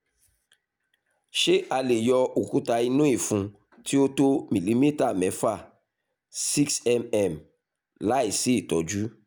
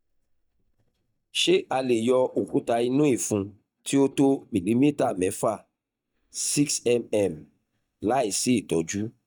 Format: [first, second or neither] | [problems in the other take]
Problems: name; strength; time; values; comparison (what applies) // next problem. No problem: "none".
first | noise reduction (neural mask model DeepFilterNet 3)